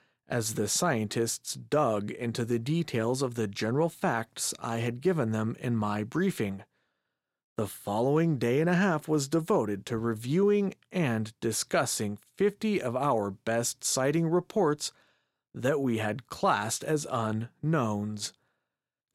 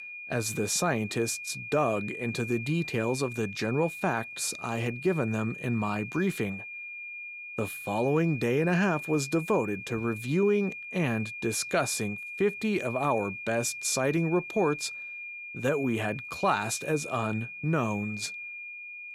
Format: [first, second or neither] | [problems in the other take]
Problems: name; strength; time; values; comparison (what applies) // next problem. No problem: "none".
first | high-pitched whine; loud; throughout; 2.5 kHz, 9 dB below the speech